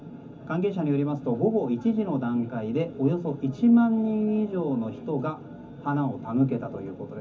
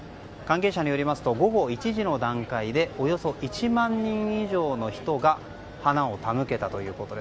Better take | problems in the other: second | room echo; dies away in 0.3 s

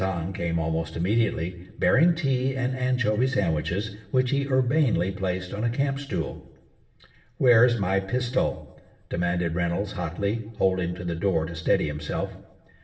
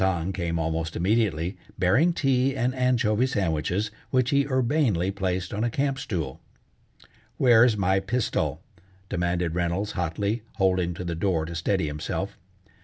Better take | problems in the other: second | room echo; dies away in 0.8 s

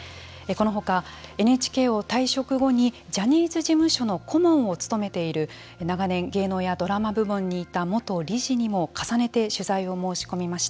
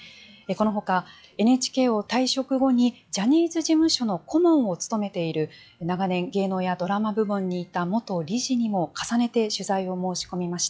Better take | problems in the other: first | noise reduction (classical method log-MMSE)

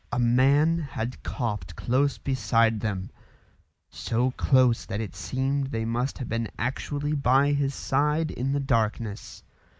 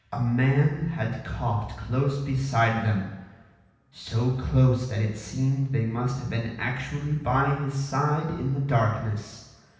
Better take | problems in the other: first | room echo; dies away in 0.9 s

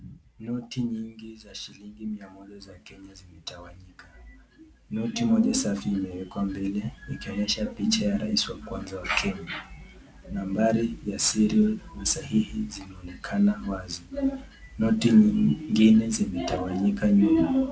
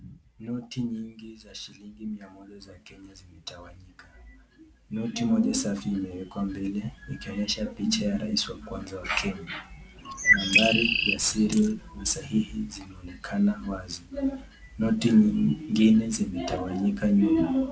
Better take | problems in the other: first | background sound (Coin (dropping) + Bird); 2 dB above the speech

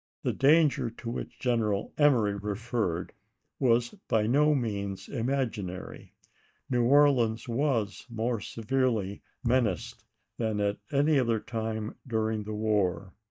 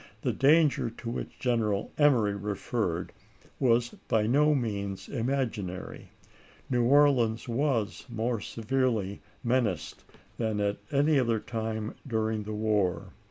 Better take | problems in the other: second | noise reduction (neural mask model DeepFilterNet 3)

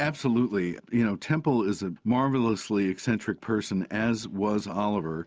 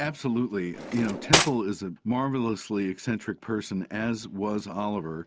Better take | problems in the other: first | background sound (Cutlery, silverware); 2 dB above the speech

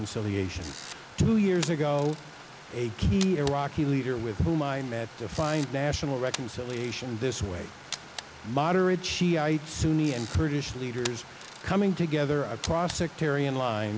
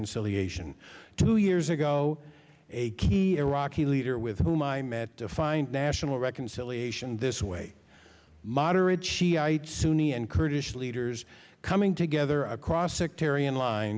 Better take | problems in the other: second | background sound (Camera + Stream); 15 dB below the speech

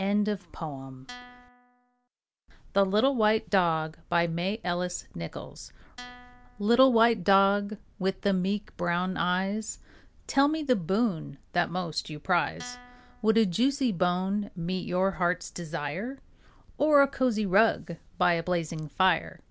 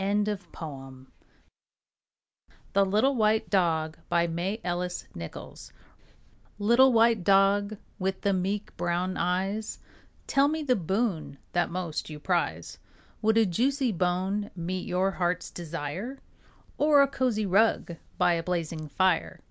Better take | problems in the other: second | background sound (Guitar); 20 dB below the speech

